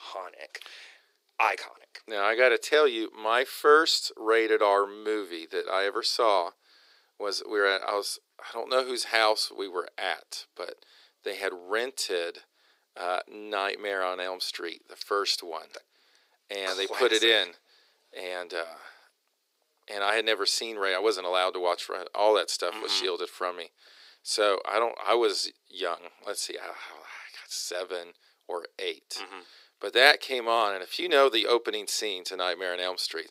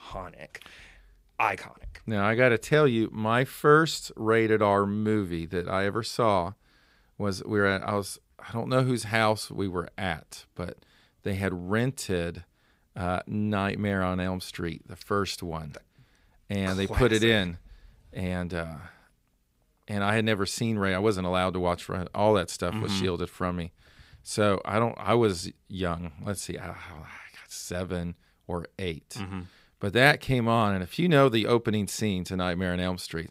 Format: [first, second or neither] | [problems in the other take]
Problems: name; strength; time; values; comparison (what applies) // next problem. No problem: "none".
second | thin; very; fading below 350 Hz